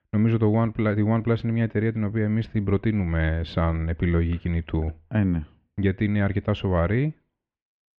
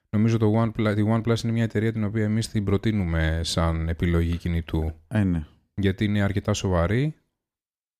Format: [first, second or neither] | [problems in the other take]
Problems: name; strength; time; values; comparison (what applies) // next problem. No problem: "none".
second | muffled; very; fading above 2.5 kHz